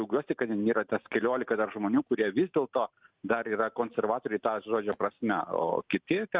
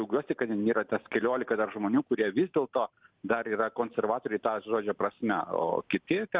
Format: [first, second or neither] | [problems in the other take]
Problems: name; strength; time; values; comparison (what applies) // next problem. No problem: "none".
second | noise reduction (neural mask model RNNoise)